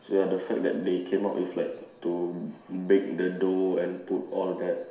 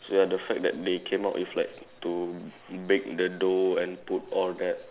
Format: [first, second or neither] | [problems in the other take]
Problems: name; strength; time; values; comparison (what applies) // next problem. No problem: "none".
second | room echo; dies away in 0.7 s